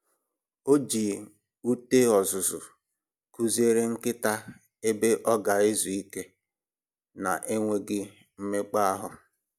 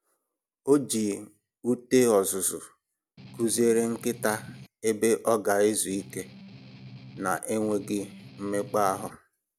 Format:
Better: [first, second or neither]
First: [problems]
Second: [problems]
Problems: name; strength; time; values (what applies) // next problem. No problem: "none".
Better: first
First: none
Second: background sound (Strum); 18 dB below the speech